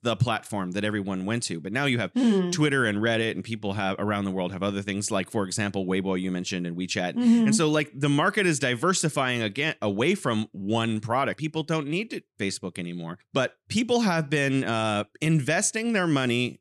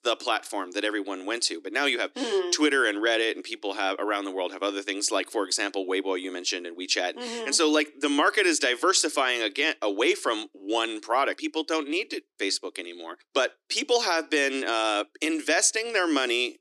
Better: first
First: none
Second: thin; somewhat; fading below 300 Hz

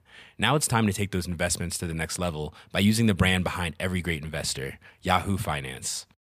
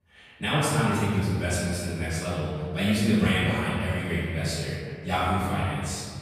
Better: first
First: none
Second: off-mic speech; far // room echo; strong; dies away in 2 s

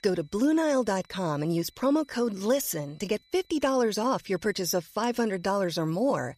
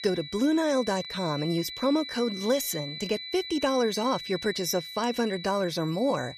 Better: first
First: high-pitched whine; faint; throughout; 4 kHz, 35 dB below the speech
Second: high-pitched whine; loud; throughout; 4 kHz, 9 dB below the speech

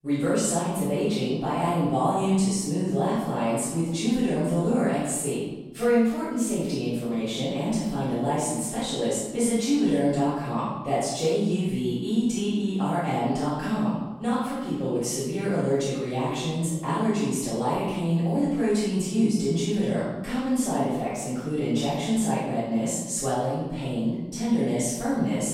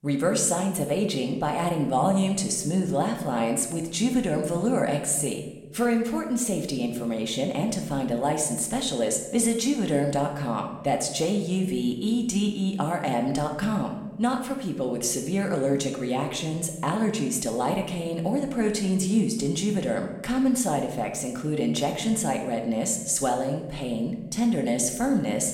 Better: second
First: room echo; strong; dies away in 1.1 s // off-mic speech; far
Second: room echo; slight; dies away in 0.9 s

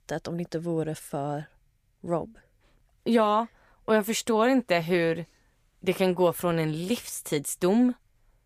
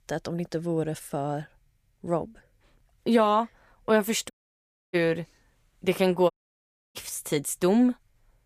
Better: first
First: none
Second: audio cutting out; at 4.5 s for 0.5 s and at 6.5 s for 0.5 s

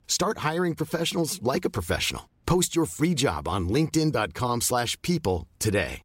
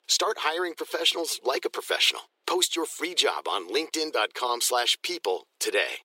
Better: first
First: none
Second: thin; very; fading below 400 Hz

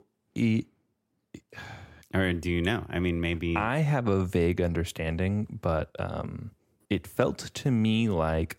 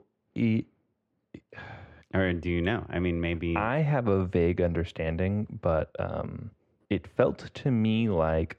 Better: first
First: none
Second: muffled; slightly; fading above 3 kHz

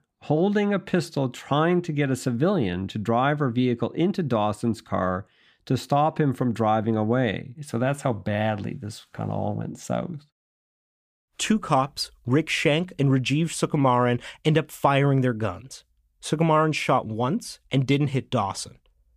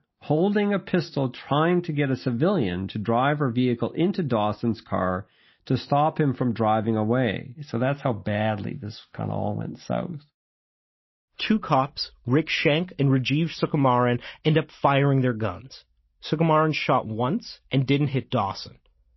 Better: first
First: none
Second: garbled, watery; slightly; nothing above 5.5 kHz

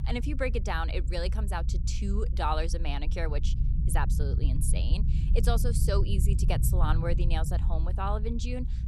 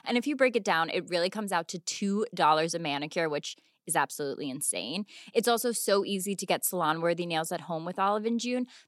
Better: second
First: low rumble; noticeable; throughout; 10 dB below the speech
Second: none

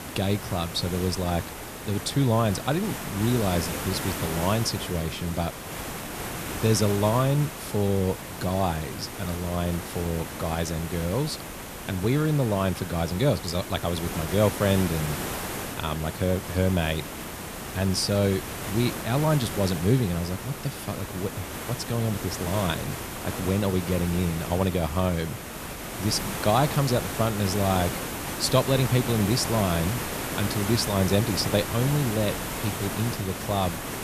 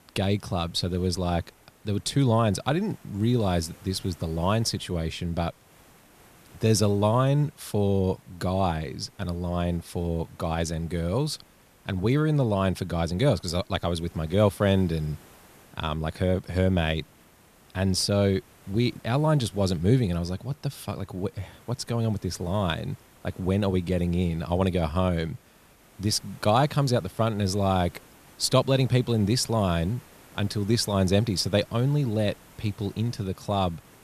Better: second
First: hiss; loud; throughout; 6 dB below the speech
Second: hiss; faint; throughout; 25 dB below the speech

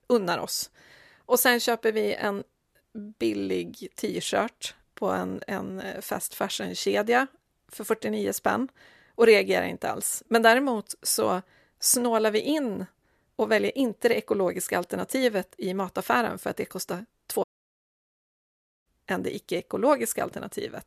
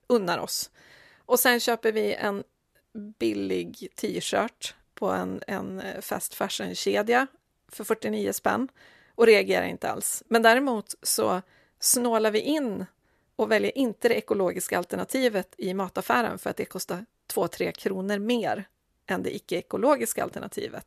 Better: second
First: audio cutting out; at 17 s for 1.5 s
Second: none

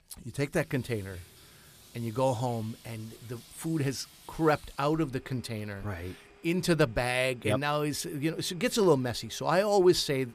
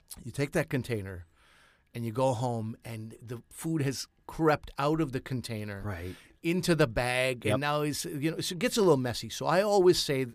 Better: second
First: household noises; faint; throughout; 25 dB below the speech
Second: none

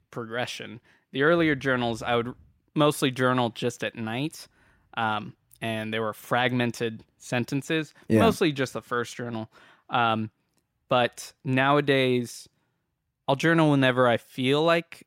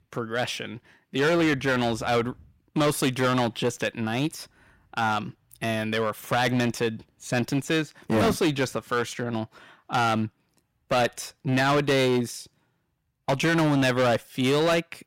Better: first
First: none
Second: distortion; heavy; 10% of the sound clipped

